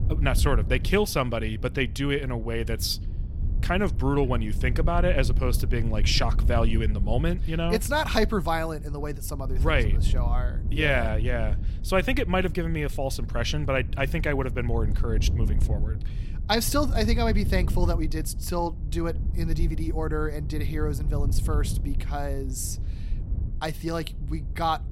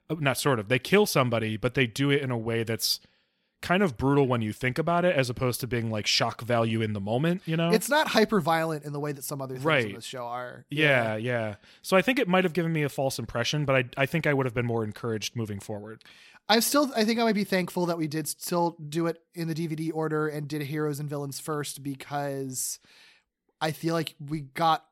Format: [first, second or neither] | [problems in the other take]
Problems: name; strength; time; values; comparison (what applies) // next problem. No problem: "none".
second | wind noise on the microphone; occasional gusts; 15 dB below the speech